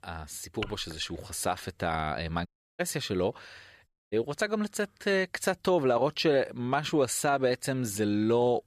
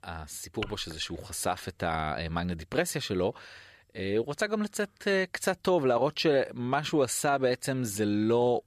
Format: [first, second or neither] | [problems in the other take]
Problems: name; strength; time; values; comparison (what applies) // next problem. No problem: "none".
second | audio cutting out; at 2.5 s and at 4 s